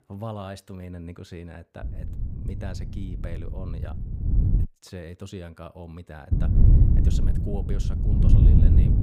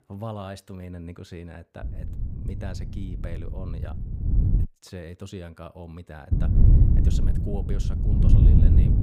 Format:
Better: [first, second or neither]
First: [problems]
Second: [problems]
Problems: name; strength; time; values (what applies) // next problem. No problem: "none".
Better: neither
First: wind noise on the microphone; heavy; from 2 to 4.5 s and from 6.5 s on; 5 dB above the speech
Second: wind noise on the microphone; heavy; from 2 to 4.5 s and from 6.5 s on; 5 dB above the speech